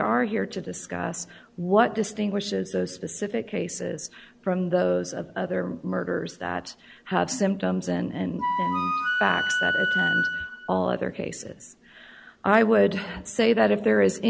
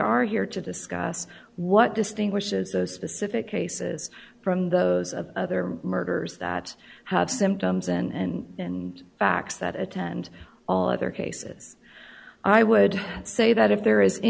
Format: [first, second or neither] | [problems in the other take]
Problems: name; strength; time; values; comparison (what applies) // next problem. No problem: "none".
second | background sound (Wind instrument, woodwind instrument); as loud as the speech